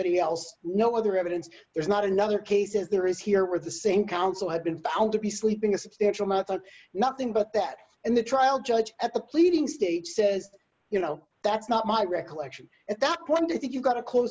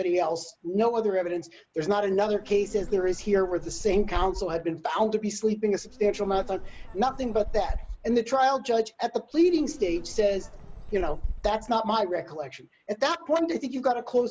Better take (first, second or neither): first